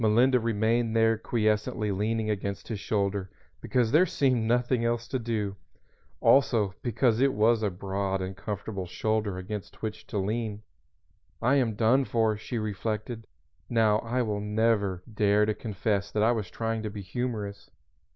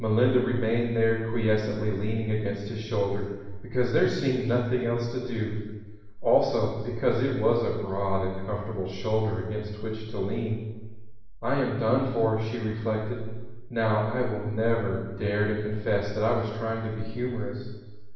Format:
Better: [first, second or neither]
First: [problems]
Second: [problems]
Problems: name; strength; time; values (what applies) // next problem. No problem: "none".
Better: first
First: none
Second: room echo; dies away in 1.1 s